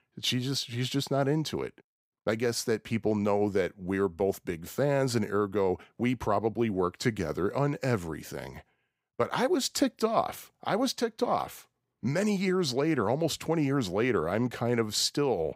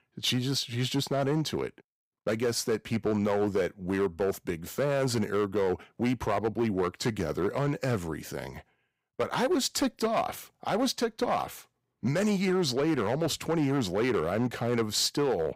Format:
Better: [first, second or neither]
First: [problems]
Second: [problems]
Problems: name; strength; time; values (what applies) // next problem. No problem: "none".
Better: first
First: none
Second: distortion; slight; 7% of the sound clipped